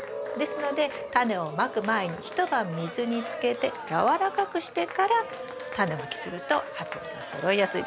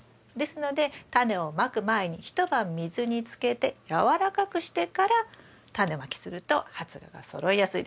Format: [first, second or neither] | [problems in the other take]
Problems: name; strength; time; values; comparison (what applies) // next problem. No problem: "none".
second | background sound (Cheering); 9 dB below the speech